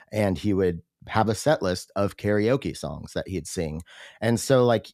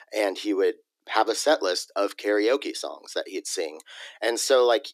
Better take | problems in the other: first | thin; somewhat; fading below 300 Hz

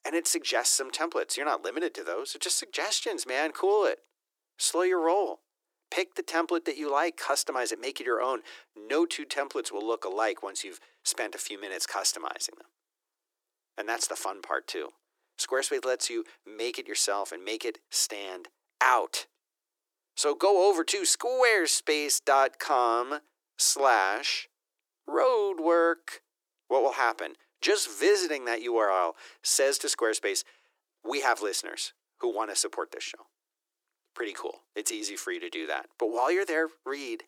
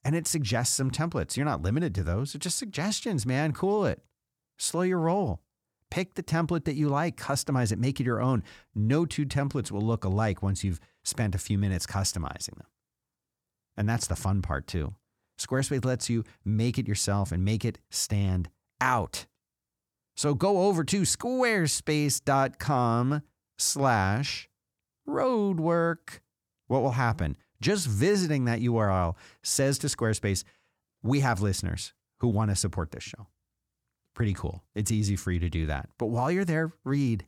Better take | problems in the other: second | thin; very; fading below 350 Hz

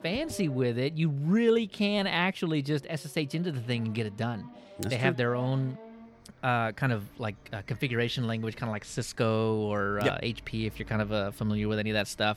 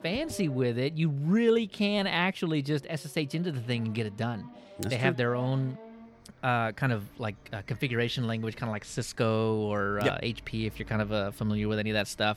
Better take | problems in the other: neither | traffic noise; faint; throughout; 20 dB below the speech; the same in both

